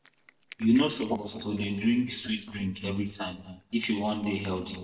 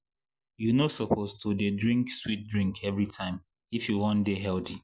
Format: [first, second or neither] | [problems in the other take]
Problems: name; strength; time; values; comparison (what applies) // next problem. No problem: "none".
second | noise reduction (neural mask model DeepFilterNet 3)